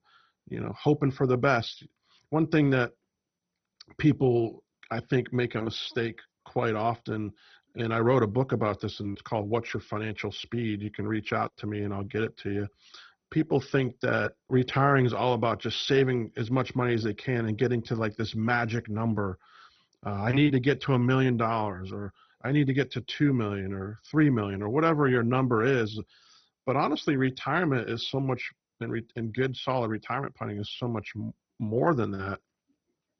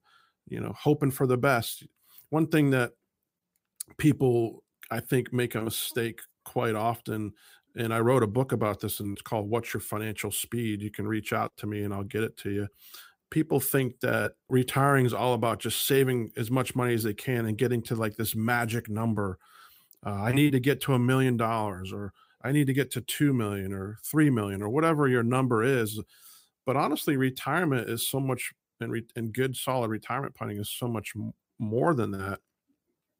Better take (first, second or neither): second